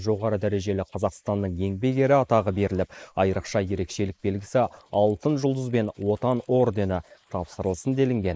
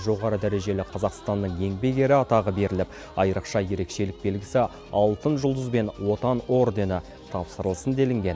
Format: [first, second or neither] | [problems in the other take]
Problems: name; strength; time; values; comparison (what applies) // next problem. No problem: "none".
second | noise reduction (neural mask model Resemble Enhance denoiser)